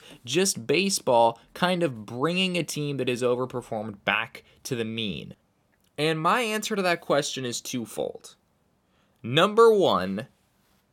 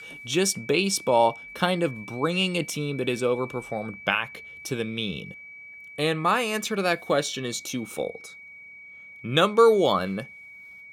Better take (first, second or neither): first